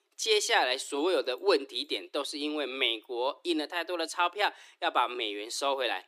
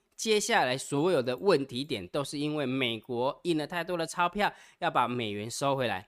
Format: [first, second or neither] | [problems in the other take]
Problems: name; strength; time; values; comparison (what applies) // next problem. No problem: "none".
second | thin; somewhat; fading below 300 Hz